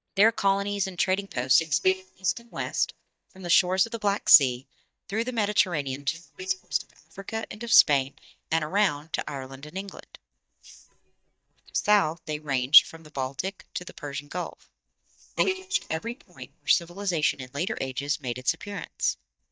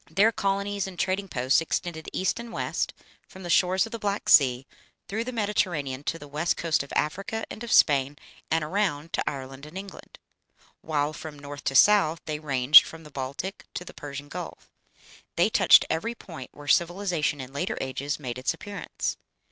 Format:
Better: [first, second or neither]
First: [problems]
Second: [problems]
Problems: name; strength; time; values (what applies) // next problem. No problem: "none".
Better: second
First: noise reduction (neural mask model DeepFilterNet 3)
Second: none